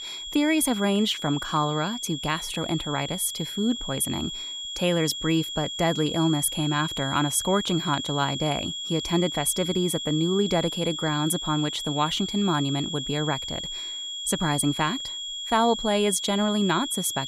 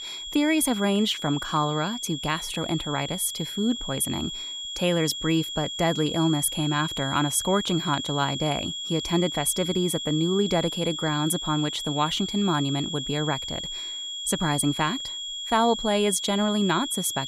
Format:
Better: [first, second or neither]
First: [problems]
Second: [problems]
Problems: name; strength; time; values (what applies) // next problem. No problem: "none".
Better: neither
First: high-pitched whine; loud; throughout; 3.5 kHz, 5 dB below the speech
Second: high-pitched whine; loud; throughout; 3.5 kHz, 5 dB below the speech